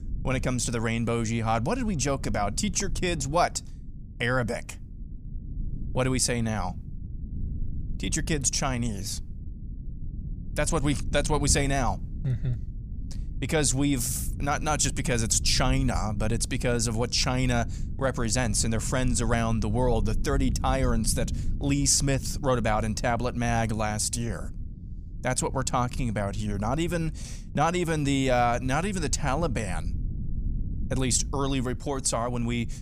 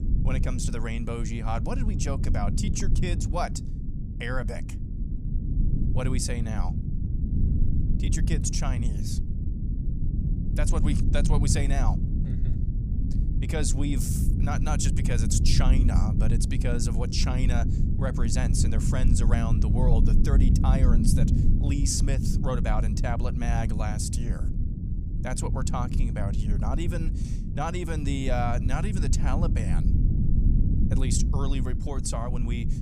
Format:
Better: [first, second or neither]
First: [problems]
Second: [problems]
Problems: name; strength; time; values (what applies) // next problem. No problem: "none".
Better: first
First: low rumble; faint; throughout; 20 dB below the speech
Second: low rumble; loud; throughout; 5 dB below the speech